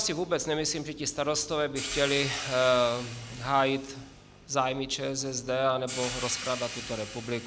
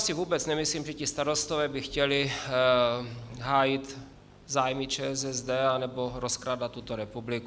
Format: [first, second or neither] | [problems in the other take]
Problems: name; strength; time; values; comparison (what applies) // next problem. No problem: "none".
second | background sound (Hi-hat); 12 dB below the speech